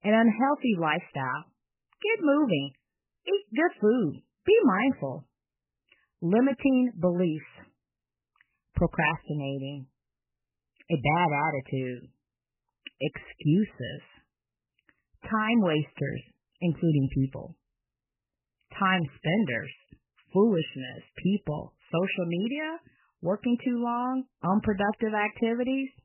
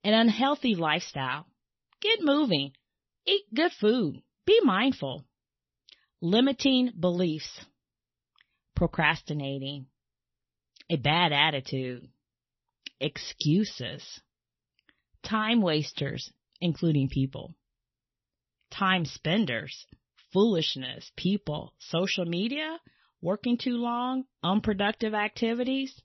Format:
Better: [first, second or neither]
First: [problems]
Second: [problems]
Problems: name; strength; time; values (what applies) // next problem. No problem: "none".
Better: second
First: garbled, watery; badly; nothing above 3 kHz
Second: garbled, watery; slightly; nothing above 6 kHz